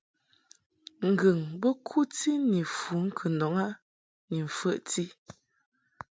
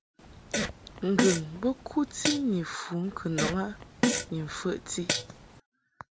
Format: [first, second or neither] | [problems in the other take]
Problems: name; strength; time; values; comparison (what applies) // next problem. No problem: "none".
first | background sound (Fart); 1 dB below the speech